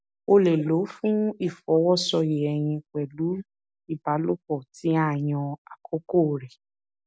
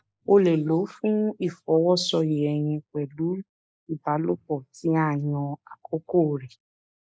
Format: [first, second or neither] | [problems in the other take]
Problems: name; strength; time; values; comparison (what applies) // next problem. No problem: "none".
first | noise reduction (neural mask model Resemble Enhance denoiser)